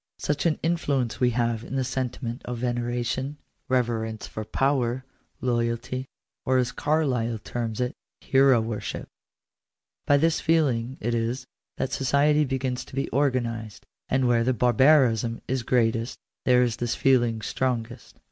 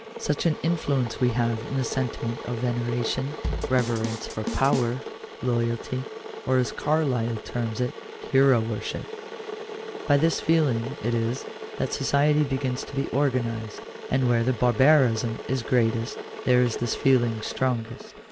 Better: first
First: none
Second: background sound (Boiling / Water + Drum kit); 10 dB below the speech

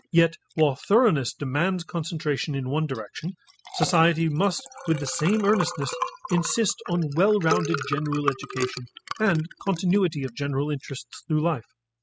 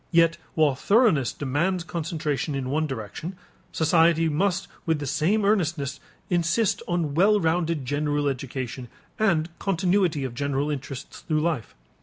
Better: second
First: noise reduction (classical method spectral subtraction)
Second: none

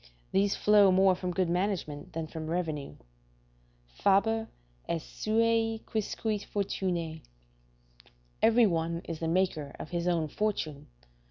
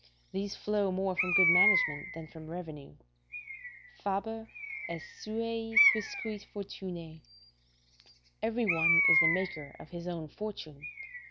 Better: first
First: none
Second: background sound (Bird); 3 dB above the speech

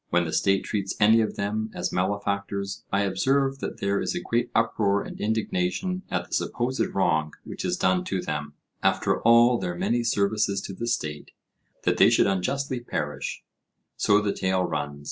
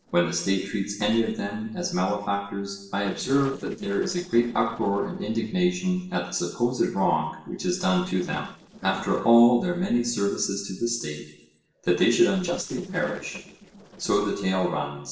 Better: first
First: none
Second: noise reduction (neural separator model SepFormer DNS4)

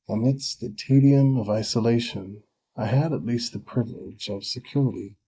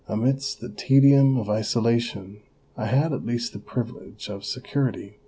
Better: second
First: noise reduction (neural mask model Resemble Enhance denoiser)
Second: none

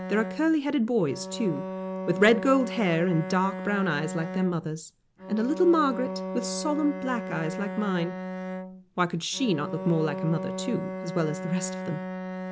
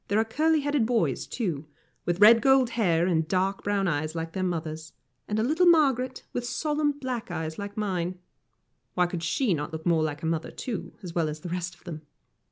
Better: second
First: background sound (Bowed string instrument); 7 dB below the speech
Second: none

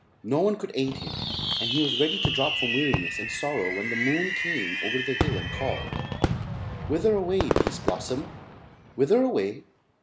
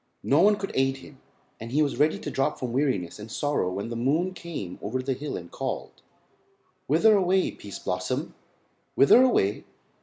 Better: second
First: background sound (Fireworks); 1 dB below the speech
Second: none

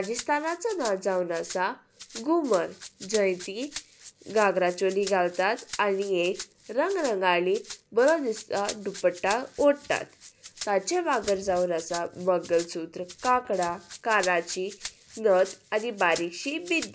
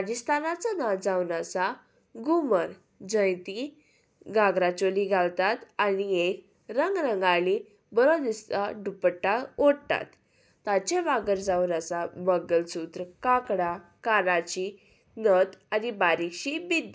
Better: second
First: background sound (Rattle (instrument)); 16 dB below the speech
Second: none

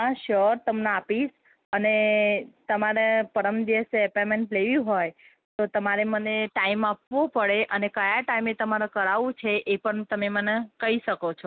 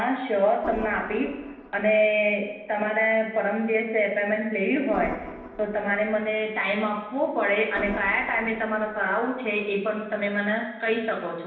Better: first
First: none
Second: background sound (Organ); 15 dB below the speech // room echo; dies away in 0.9 s

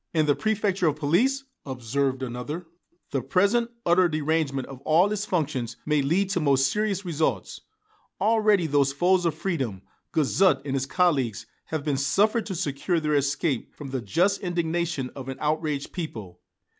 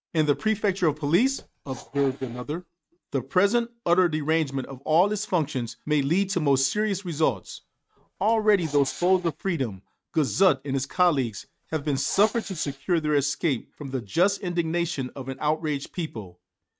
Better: first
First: none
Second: noise reduction (neural mask model RNNoise)

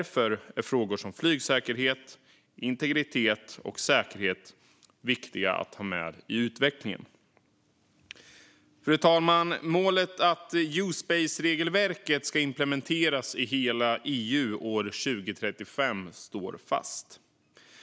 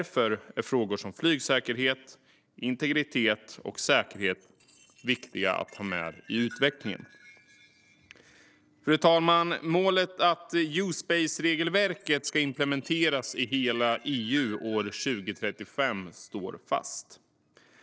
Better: first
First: none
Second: noise reduction (neural separator model SepFormer DNS4)

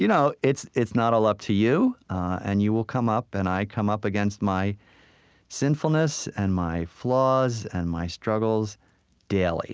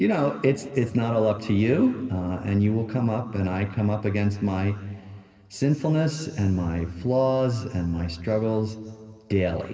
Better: first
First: none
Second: room echo; dies away in 1.8 s

